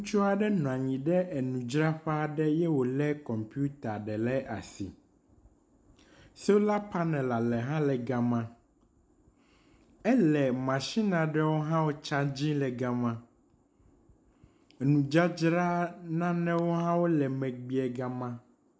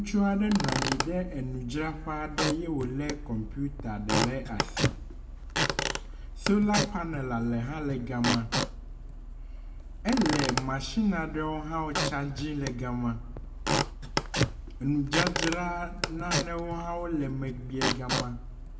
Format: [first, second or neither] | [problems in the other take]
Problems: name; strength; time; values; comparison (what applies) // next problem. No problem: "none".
first | background sound (Squeak / Wood); 1 dB below the speech // room echo; dies away in 1.2 s